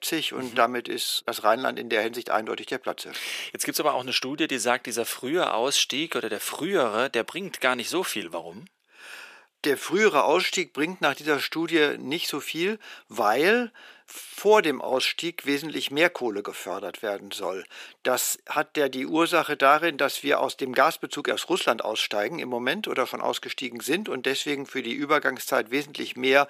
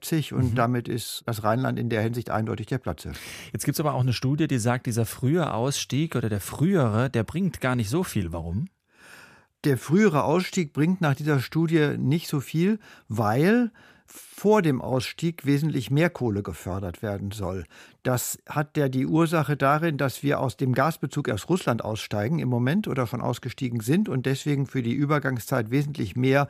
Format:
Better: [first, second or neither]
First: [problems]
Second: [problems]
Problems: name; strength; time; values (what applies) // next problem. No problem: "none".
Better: second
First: thin; somewhat; fading below 350 Hz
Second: none